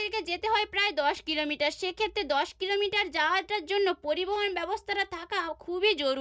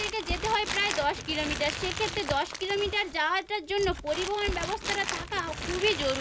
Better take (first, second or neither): first